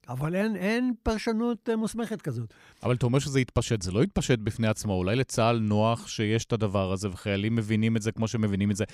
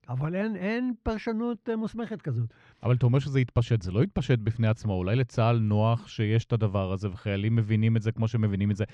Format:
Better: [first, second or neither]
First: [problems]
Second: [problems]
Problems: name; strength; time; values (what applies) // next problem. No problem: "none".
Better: first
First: none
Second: muffled; slightly; fading above 3.5 kHz